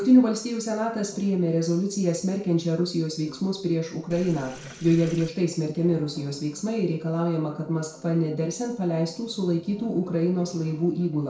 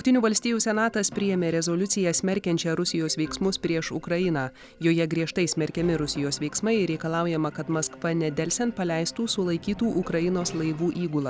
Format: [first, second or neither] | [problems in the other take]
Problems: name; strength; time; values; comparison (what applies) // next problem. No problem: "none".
second | noise reduction (neural separator model SepFormer DNS4)